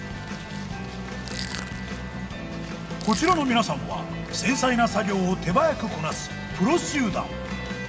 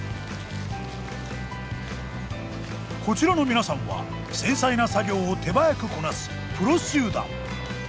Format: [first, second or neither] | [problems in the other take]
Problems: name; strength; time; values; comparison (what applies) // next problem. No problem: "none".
second | background sound (Crushing); 14 dB below the speech // room echo; dies away in 1.8 s